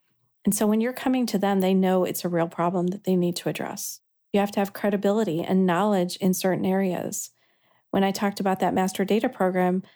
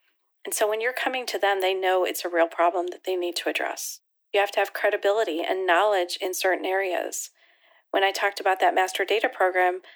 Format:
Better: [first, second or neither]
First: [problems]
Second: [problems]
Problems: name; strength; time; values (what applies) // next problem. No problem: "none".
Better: first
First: none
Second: thin; very; fading below 300 Hz